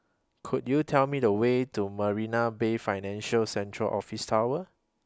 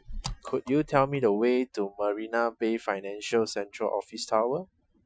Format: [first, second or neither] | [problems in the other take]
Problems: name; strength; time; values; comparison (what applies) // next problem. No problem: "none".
first | noise reduction (classical method Wiener filter)